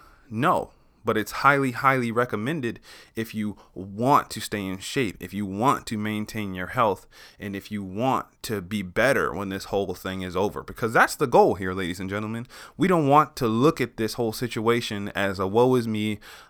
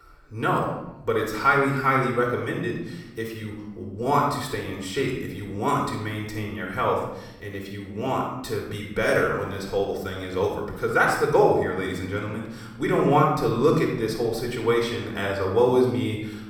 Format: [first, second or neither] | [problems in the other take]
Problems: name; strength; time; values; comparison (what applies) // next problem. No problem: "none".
first | off-mic speech; far // room echo; noticeable; dies away in 0.9 s